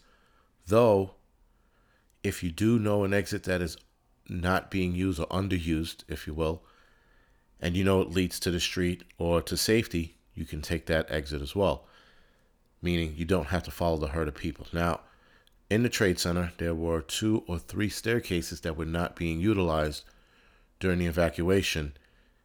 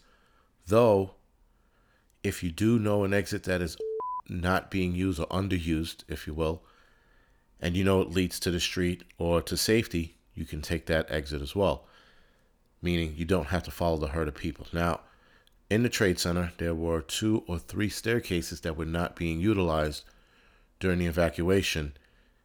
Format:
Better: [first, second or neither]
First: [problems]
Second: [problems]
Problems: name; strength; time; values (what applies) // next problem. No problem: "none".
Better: first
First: none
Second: alarm; noticeable; at 4 s; peak 5 dB below the speech